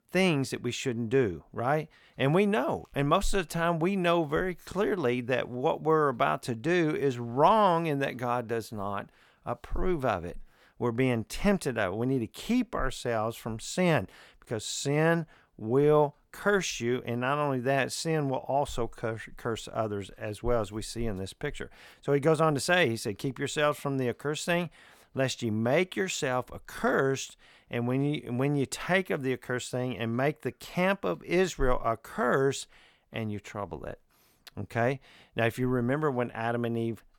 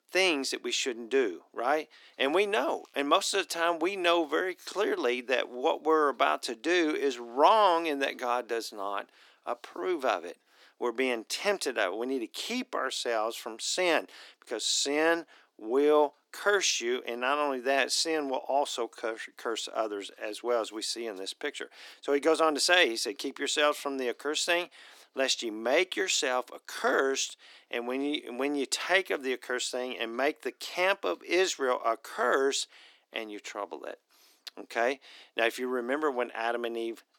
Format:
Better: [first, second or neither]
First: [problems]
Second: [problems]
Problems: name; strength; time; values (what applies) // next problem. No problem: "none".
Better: first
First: none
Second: thin; somewhat; fading below 300 Hz